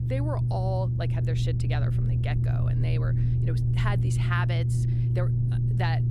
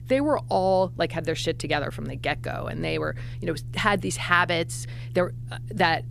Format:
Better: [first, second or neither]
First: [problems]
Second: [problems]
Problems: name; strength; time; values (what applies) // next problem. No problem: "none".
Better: second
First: low rumble; loud; throughout; 2 dB below the speech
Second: low rumble; faint; throughout; 25 dB below the speech